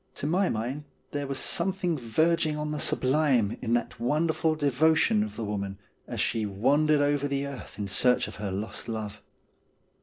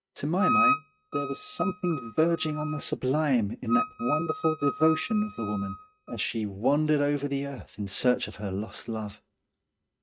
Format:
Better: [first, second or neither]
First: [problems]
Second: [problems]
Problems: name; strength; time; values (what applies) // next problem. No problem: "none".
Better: first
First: none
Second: noise reduction (neural mask model RNNoise)